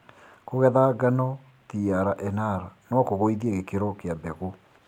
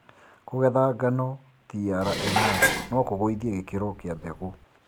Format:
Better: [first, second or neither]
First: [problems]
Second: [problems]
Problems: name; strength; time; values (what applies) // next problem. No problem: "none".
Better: first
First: none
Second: background sound (Dishes, pots, and pans); 1 dB below the speech